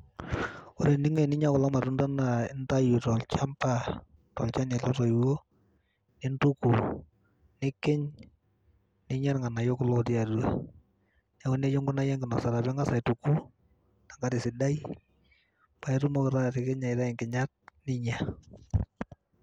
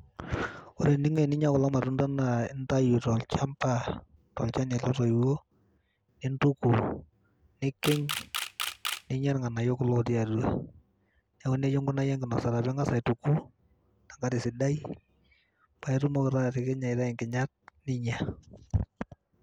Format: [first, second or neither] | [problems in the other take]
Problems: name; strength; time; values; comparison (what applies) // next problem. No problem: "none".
first | background sound (Camera); 8 dB below the speech